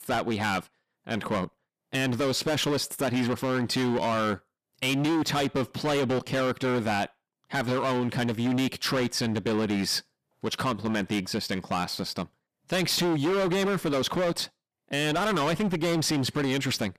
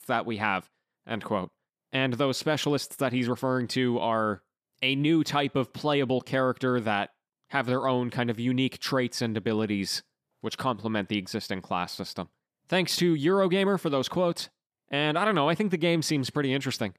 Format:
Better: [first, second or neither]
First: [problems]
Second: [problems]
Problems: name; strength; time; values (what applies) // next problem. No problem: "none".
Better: second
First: distortion; heavy; 21% of the sound clipped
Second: none